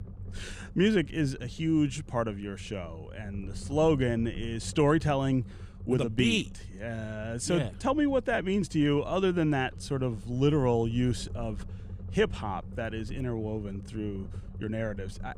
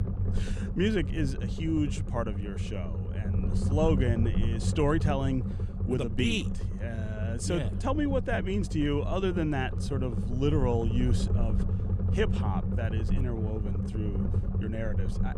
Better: first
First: low rumble; faint; throughout; 25 dB below the speech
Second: low rumble; loud; throughout; 9 dB below the speech

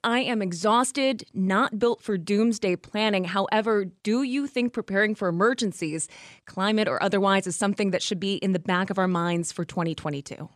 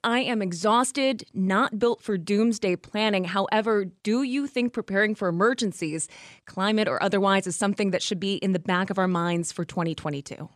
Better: neither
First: none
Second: none

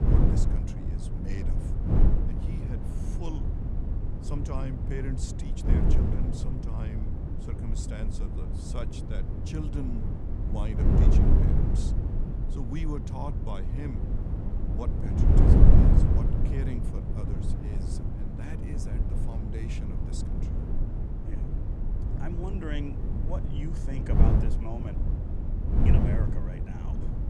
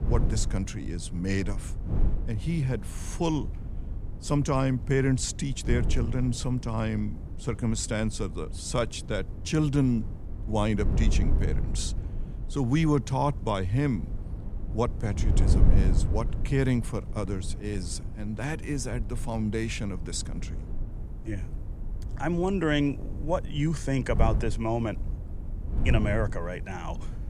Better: second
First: wind noise on the microphone; heavy; 4 dB above the speech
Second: wind noise on the microphone; occasional gusts; 15 dB below the speech

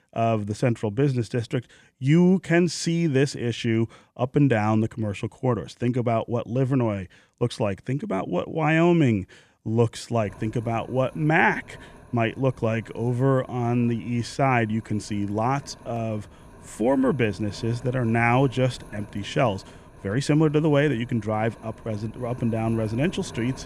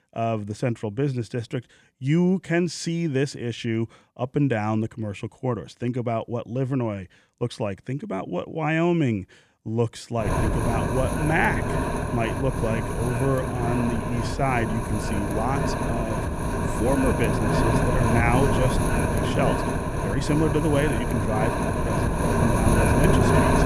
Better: first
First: wind noise on the microphone; occasional gusts; from 10 s on; 20 dB below the speech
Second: wind noise on the microphone; heavy; from 10 s on; 1 dB above the speech

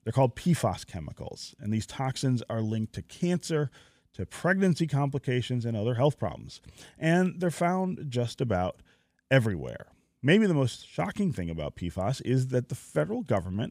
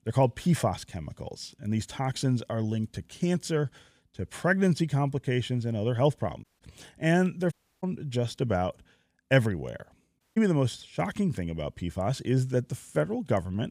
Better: first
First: none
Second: audio cutting out; at 6.5 s, at 7.5 s and at 10 s

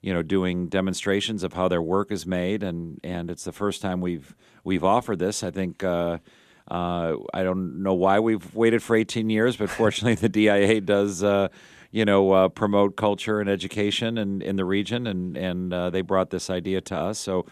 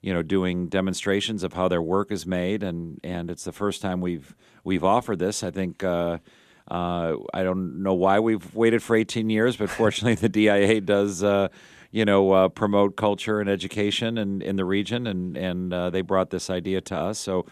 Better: neither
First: none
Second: none

